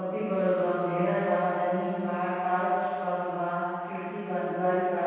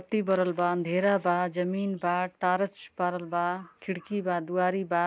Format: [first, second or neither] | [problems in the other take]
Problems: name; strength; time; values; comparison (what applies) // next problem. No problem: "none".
second | room echo; dies away in 2.2 s